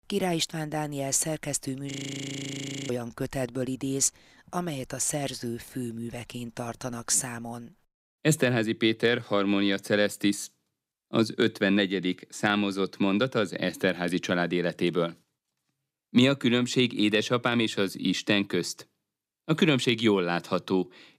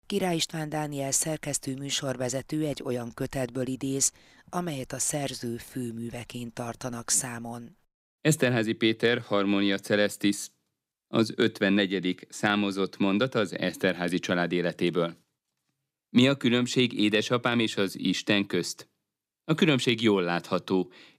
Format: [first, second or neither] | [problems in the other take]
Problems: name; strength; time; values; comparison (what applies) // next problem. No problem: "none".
second | audio freezing; at 2 s for 1 s